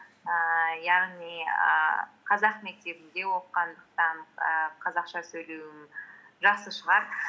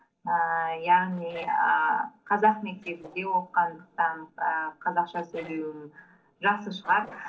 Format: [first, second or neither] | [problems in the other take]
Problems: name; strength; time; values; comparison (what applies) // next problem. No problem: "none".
first | noise reduction (neural separator model SepFormer DNS4)